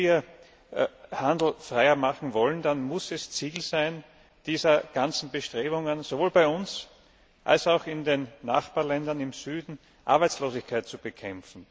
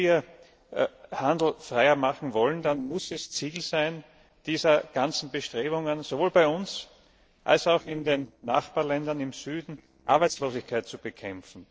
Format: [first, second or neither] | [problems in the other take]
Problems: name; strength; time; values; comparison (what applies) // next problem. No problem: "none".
first | noise reduction (neural separator model SepFormer DNS4)